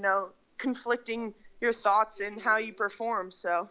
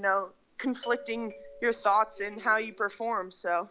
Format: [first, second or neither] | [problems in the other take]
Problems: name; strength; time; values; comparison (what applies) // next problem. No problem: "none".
first | background sound (Doorbell); 18 dB below the speech